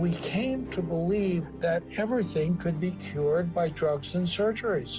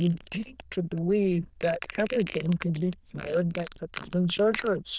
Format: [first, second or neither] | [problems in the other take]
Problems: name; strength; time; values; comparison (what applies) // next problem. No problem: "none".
first | noise reduction (neural diffusion model UNIVERSE++)